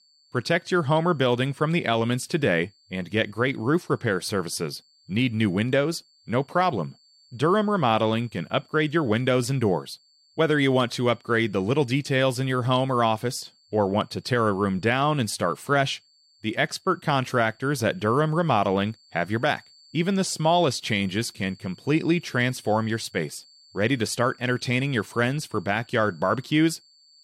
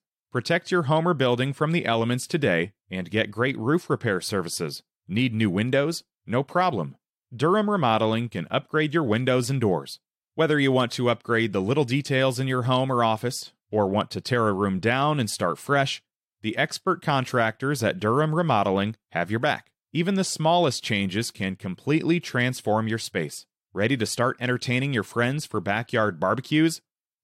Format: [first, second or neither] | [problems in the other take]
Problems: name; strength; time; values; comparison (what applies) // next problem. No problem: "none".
second | high-pitched whine; faint; throughout; 4.5 kHz, 30 dB below the speech